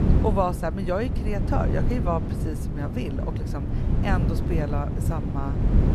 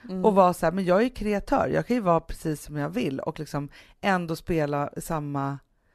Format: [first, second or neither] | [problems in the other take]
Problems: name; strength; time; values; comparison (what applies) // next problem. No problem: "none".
second | wind noise on the microphone; heavy; 6 dB below the speech